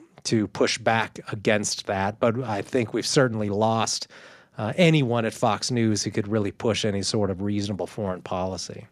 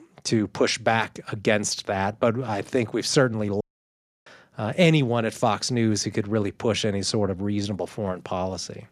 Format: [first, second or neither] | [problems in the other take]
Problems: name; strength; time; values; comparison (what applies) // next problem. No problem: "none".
first | audio cutting out; at 3.5 s for 0.5 s